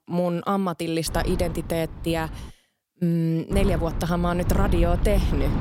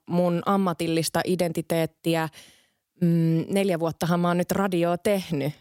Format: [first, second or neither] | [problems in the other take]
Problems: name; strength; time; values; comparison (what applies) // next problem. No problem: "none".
second | wind noise on the microphone; occasional gusts; from 1 to 2.5 s and from 3.5 s on; 10 dB below the speech